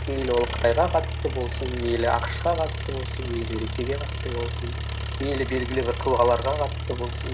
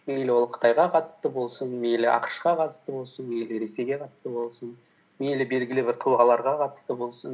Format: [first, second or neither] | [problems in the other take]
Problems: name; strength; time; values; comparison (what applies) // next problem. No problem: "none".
second | background sound (Engine); 3 dB below the speech